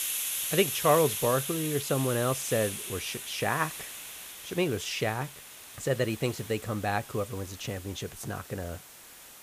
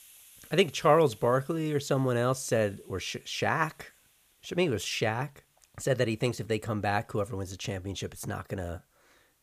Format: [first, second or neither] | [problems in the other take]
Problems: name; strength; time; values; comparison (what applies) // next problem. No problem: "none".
second | hiss; loud; throughout; 5 dB below the speech; faint in the second